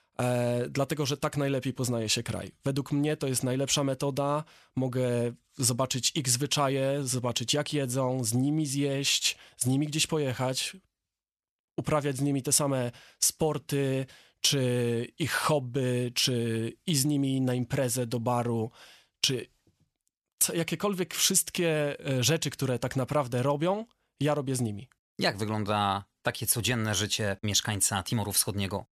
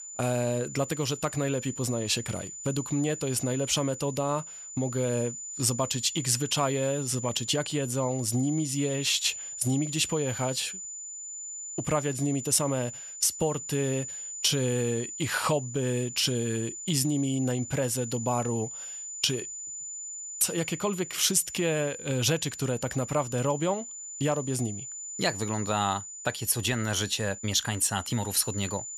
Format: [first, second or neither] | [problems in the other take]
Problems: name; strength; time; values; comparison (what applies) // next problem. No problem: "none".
first | high-pitched whine; loud; throughout; 7 kHz, 9 dB below the speech